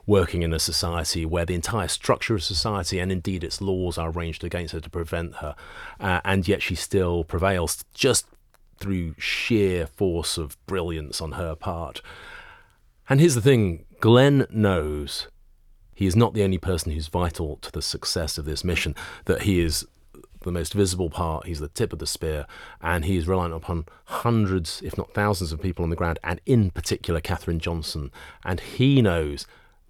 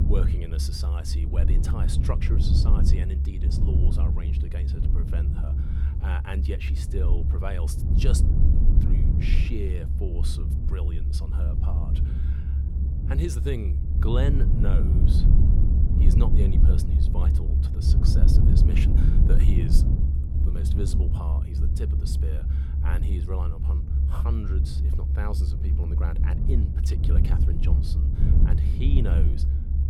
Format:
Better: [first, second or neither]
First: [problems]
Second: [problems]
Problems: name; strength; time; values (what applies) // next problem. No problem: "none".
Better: first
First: none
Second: low rumble; loud; throughout; as loud as the speech